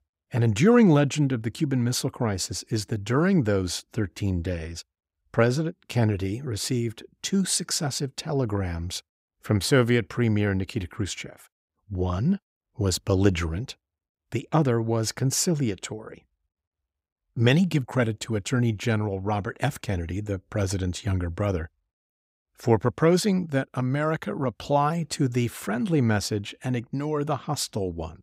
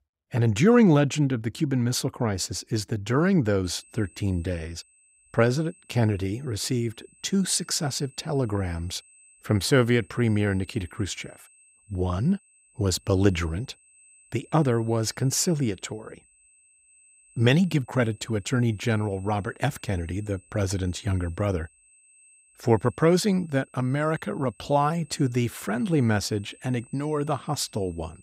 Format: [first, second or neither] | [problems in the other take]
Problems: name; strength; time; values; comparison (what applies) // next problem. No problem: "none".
first | high-pitched whine; faint; from 3.5 s on; 8 kHz, 30 dB below the speech